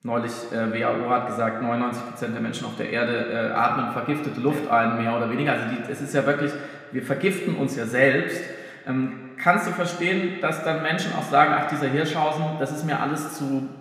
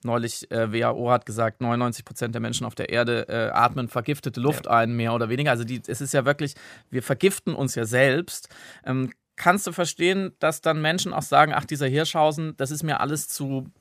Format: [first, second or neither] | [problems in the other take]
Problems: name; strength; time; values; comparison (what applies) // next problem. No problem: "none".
second | room echo; noticeable; dies away in 1.7 s // off-mic speech; somewhat distant